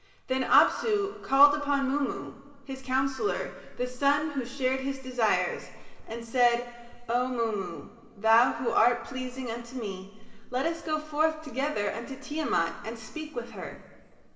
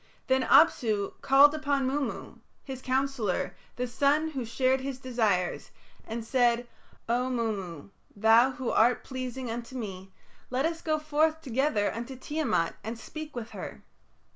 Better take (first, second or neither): second